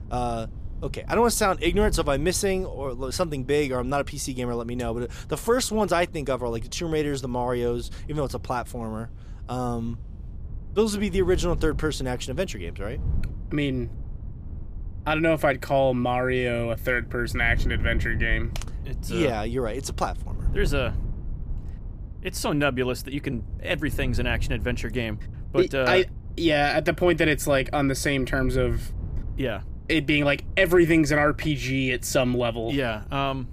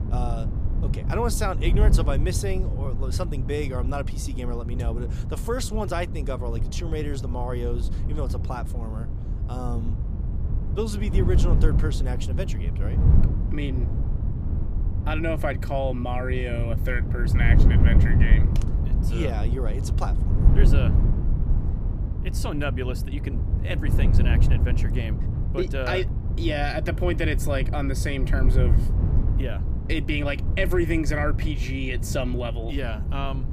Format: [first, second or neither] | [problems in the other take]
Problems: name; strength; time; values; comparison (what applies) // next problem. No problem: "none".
first | wind noise on the microphone; heavy; 8 dB below the speech; occasional gusts in the first